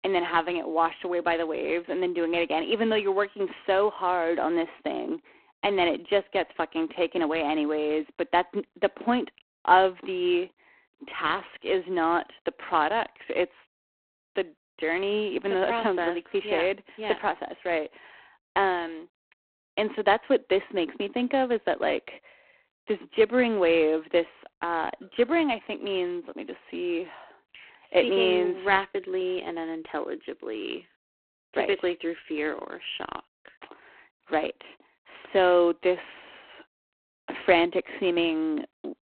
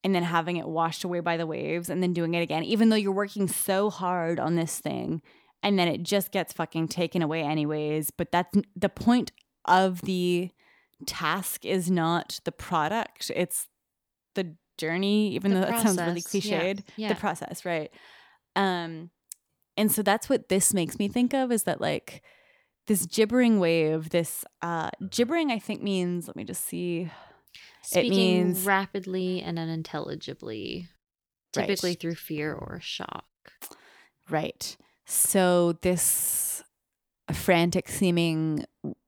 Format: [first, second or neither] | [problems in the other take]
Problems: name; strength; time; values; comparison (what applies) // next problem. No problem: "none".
second | phone-call audio; poor line